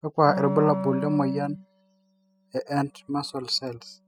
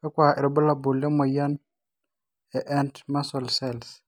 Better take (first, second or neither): second